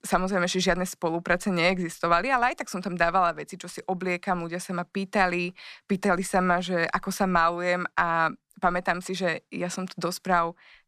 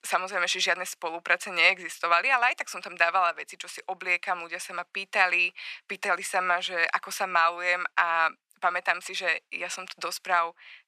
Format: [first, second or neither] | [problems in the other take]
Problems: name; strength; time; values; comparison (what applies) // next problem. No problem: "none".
first | thin; very; fading below 700 Hz